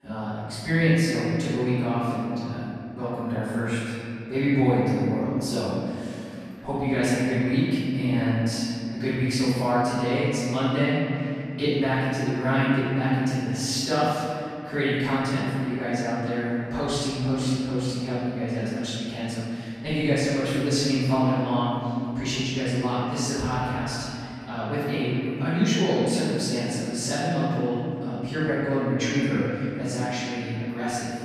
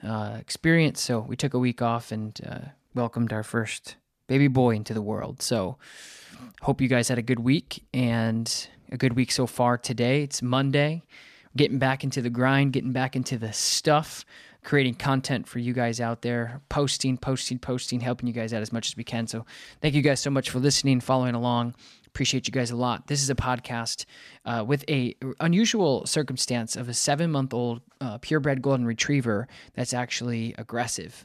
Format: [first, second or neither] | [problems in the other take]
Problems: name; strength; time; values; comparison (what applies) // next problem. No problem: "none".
second | off-mic speech; far // room echo; strong; dies away in 2.7 s